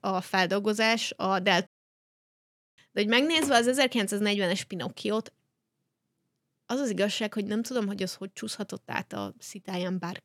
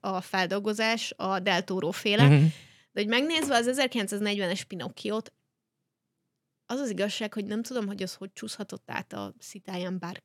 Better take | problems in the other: second | audio cutting out; at 1.5 s for 1 s

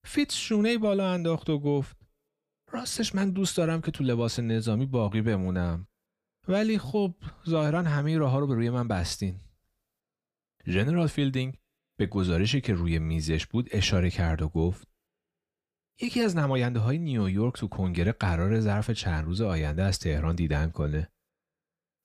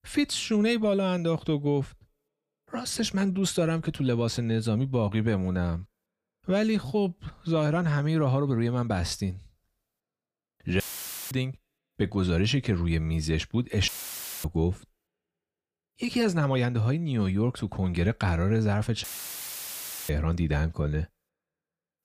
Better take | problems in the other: first | audio cutting out; filled with static; at 11 s for 0.5 s, at 14 s for 0.5 s and at 19 s for 1 s

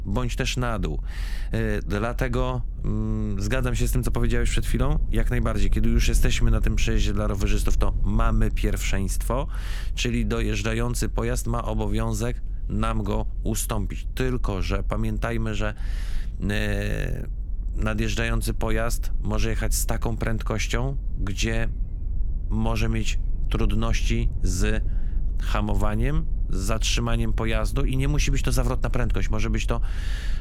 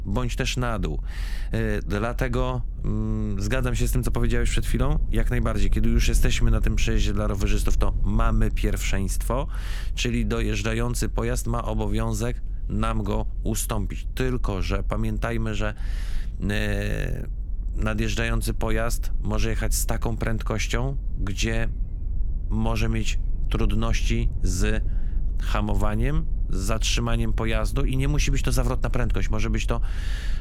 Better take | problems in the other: neither | low rumble; faint; throughout; 20 dB below the speech; the same in both

